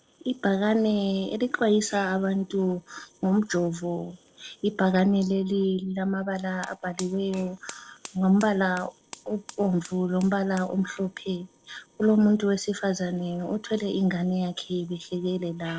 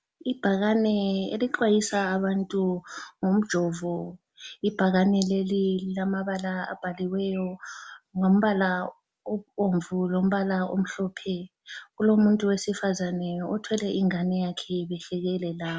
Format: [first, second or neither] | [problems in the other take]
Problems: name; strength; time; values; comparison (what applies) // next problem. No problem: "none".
second | noise reduction (neural separator model SepFormer DNS4)